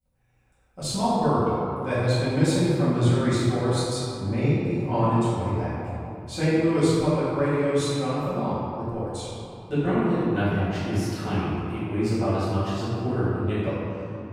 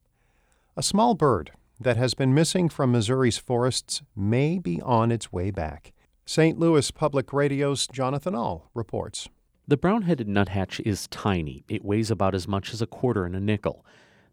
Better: second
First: off-mic speech; far // room echo; strong; dies away in 2.5 s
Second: none

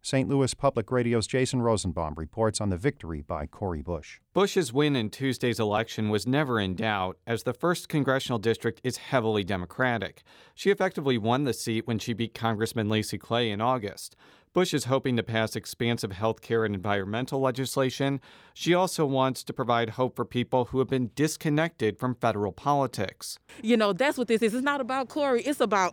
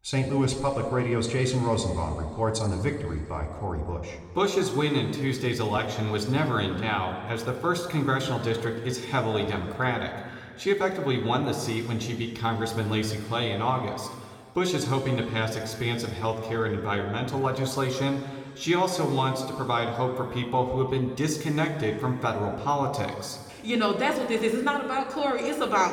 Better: first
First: none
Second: room echo; slight; dies away in 1.9 s

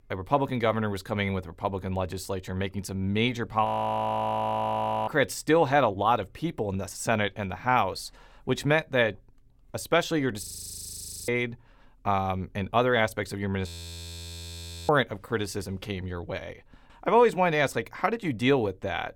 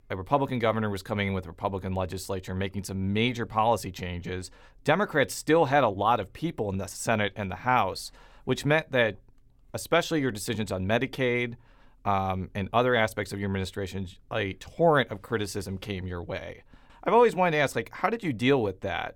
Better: second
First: audio freezing; at 3.5 s for 1.5 s, at 10 s for 1 s and at 14 s for 1 s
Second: none

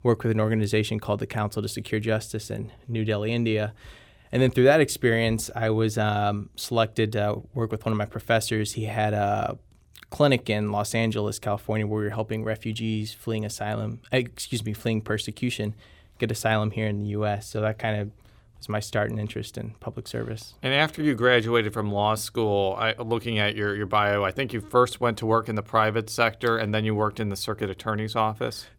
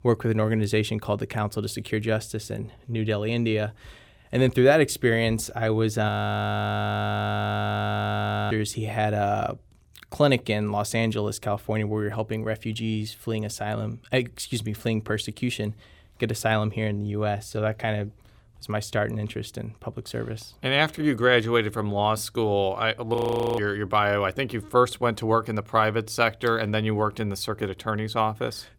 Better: first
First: none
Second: audio freezing; at 6 s for 2.5 s and at 23 s

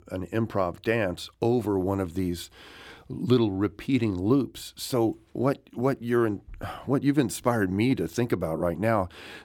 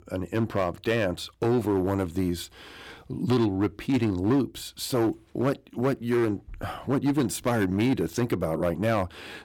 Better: first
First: none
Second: distortion; slight; 7% of the sound clipped

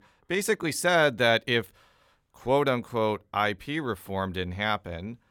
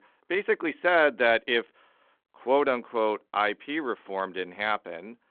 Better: first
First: none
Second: phone-call audio

